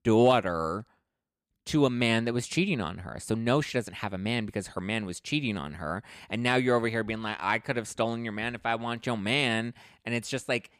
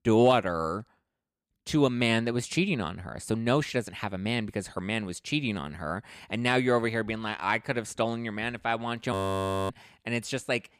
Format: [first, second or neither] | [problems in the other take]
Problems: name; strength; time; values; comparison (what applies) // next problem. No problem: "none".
first | audio freezing; at 9 s for 0.5 s